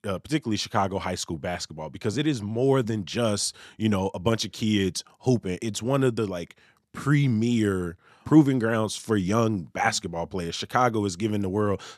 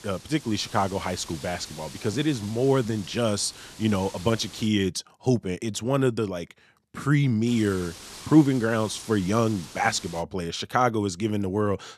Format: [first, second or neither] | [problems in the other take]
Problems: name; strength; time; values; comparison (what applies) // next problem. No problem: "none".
first | wind noise on the microphone; occasional gusts; until 4.5 s and from 7.5 to 10 s; 15 dB below the speech